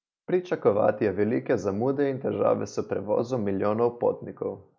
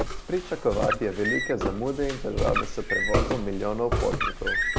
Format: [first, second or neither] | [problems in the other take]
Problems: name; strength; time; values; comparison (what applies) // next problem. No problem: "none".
first | background sound (Car + Walk, footsteps); as loud as the speech